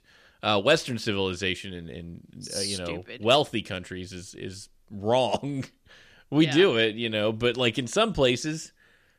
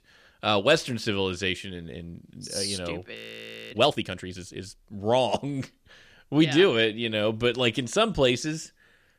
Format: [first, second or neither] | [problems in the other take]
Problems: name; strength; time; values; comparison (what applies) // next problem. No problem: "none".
first | audio freezing; at 3 s for 0.5 s